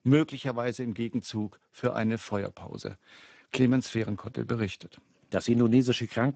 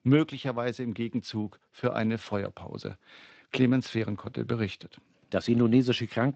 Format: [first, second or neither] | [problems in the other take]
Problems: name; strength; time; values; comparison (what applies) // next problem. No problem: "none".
second | garbled, watery; badly; nothing above 8 kHz; slightly in the second